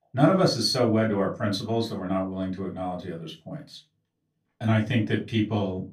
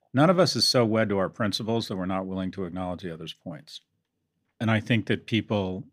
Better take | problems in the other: second | off-mic speech; far // room echo; very slight; dies away in 0.2 s

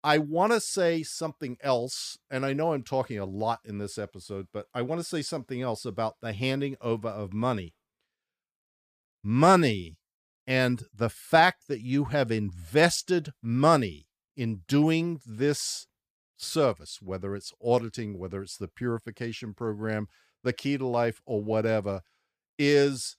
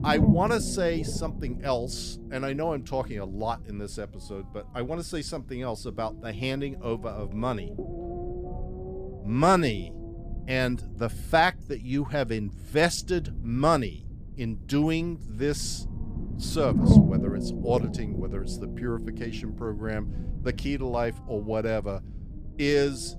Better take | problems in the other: first | low rumble; loud; throughout; 8 dB below the speech

